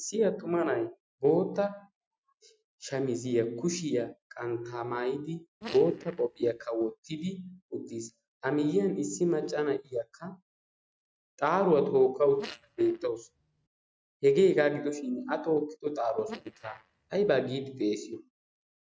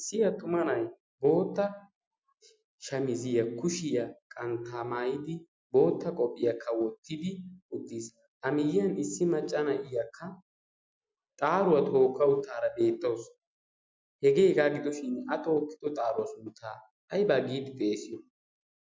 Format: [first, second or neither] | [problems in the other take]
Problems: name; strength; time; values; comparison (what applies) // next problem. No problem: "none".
second | noise reduction (neural mask model RNNoise)